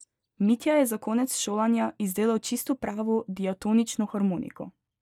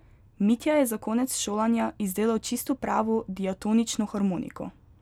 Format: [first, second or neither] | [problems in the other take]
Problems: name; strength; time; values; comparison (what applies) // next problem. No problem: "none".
second | noise reduction (neural mask model DeepFilterNet 3)